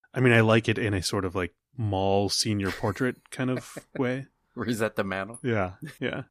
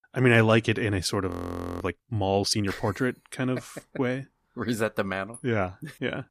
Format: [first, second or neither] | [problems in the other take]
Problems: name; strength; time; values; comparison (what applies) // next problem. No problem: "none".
first | audio freezing; at 1.5 s for 0.5 s